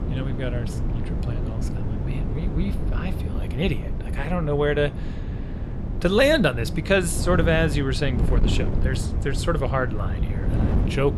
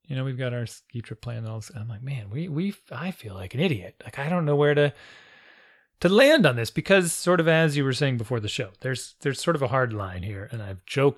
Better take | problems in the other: second | wind noise on the microphone; occasional gusts; 10 dB below the speech

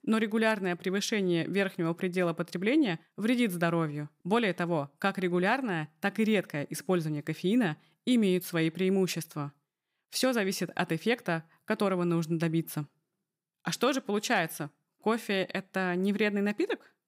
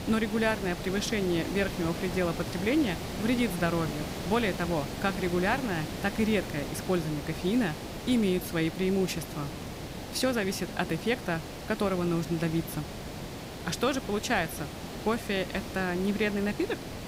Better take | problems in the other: first | hiss; loud; throughout; 8 dB below the speech

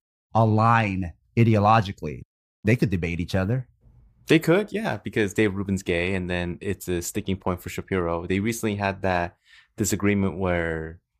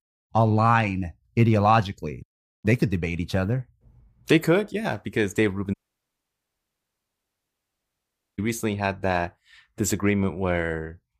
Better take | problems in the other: first | audio cutting out; at 5.5 s for 2.5 s

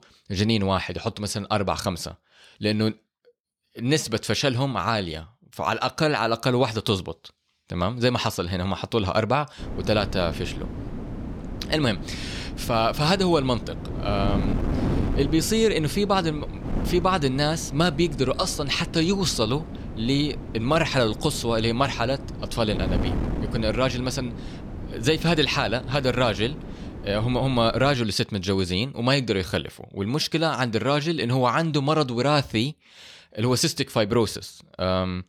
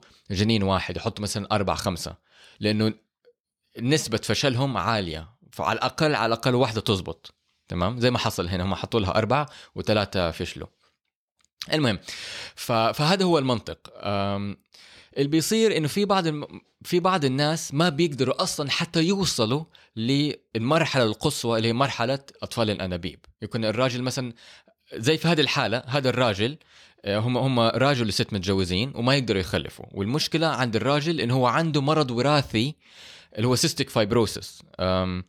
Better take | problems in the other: second | wind noise on the microphone; occasional gusts; from 9.5 to 28 s; 15 dB below the speech

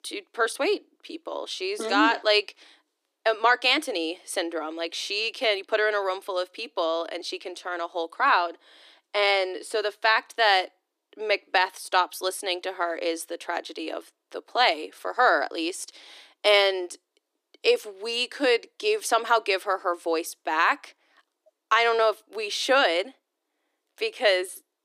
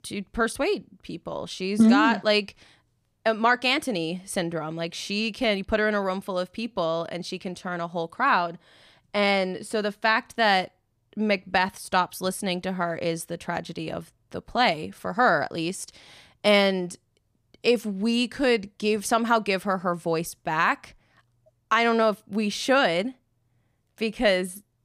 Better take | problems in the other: second | thin; very; fading below 300 Hz

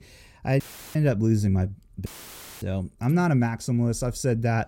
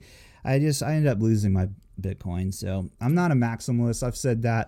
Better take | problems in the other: second | audio cutting out; filled with static; at 0.5 s and at 2 s for 0.5 s

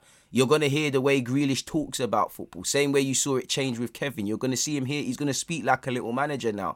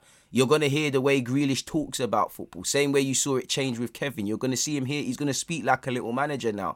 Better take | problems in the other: neither | none

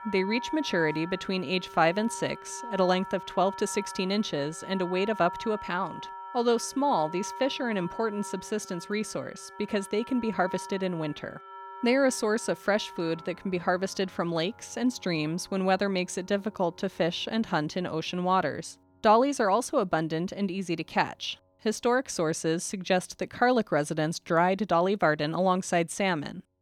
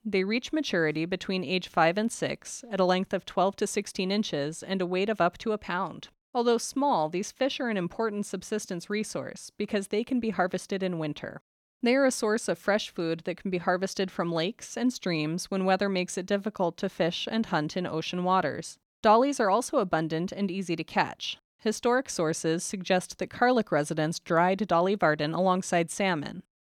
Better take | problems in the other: second | background music; noticeable; throughout; 15 dB below the speech

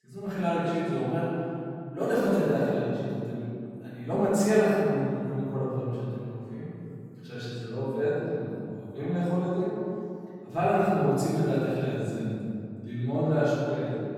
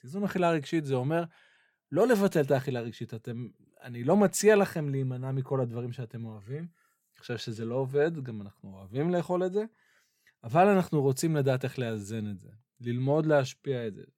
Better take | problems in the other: second | off-mic speech; far // room echo; strong; dies away in 2.6 s

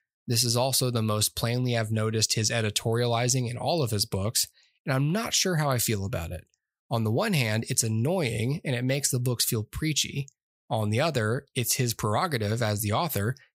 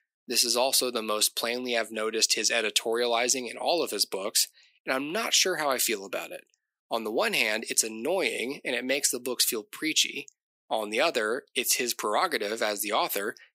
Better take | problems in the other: first | thin; somewhat; fading below 250 Hz

